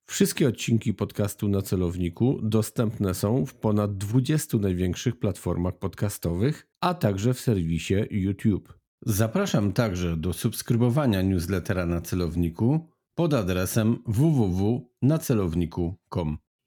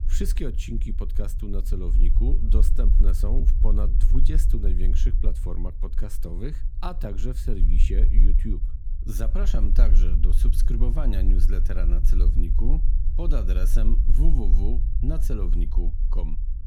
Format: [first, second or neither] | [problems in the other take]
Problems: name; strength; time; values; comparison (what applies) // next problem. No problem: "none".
first | low rumble; loud; throughout; 8 dB below the speech